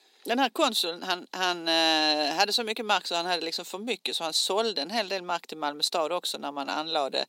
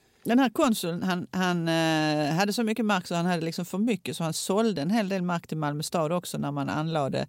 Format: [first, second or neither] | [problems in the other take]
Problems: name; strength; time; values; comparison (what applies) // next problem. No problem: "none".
second | thin; somewhat; fading below 300 Hz